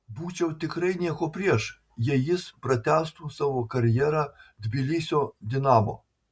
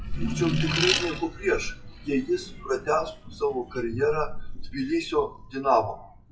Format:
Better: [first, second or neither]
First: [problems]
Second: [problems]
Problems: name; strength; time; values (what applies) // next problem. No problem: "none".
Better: first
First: none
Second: noise reduction (classical method WPE with log-MMSE)